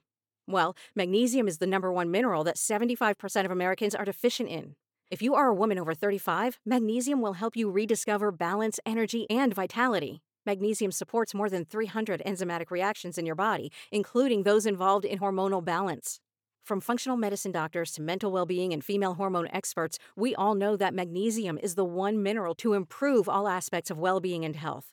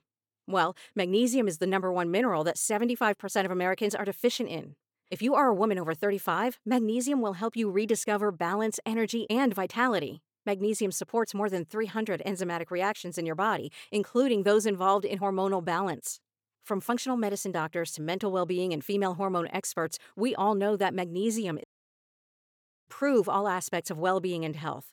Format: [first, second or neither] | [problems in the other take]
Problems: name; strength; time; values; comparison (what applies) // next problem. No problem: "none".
first | audio cutting out; at 22 s for 1 s